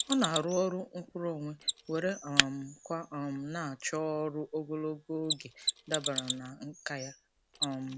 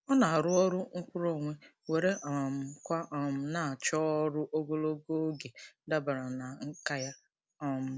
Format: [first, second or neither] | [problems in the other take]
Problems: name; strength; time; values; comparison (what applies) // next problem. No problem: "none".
second | background sound (Mechanisms); 3 dB below the speech